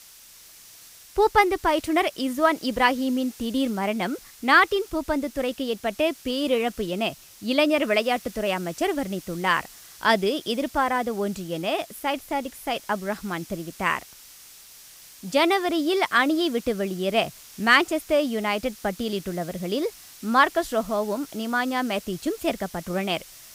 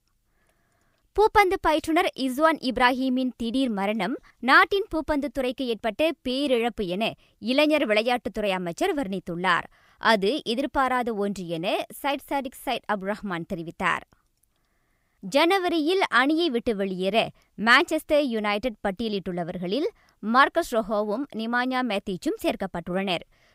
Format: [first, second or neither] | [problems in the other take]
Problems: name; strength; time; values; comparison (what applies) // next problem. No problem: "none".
second | hiss; noticeable; throughout; 20 dB below the speech